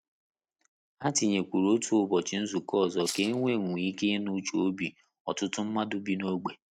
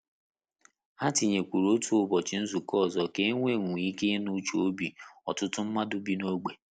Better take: second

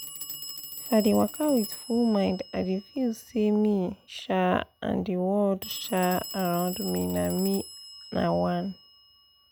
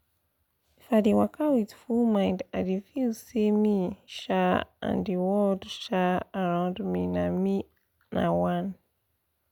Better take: second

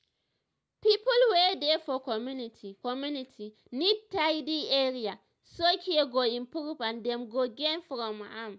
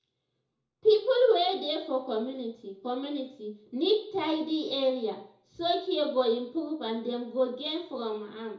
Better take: first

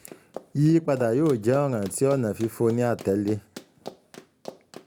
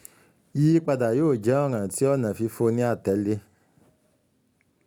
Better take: second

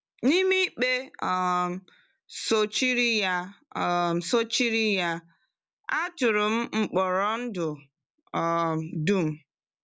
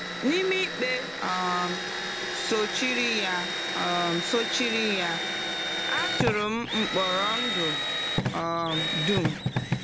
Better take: first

